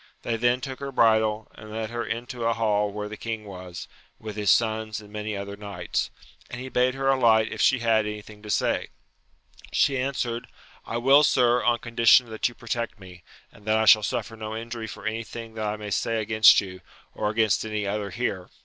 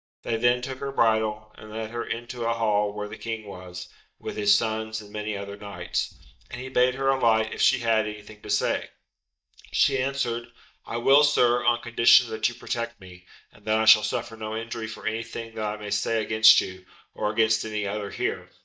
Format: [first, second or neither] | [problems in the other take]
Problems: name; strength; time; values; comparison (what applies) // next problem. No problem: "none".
first | noise reduction (neural mask model DeepFilterNet 3)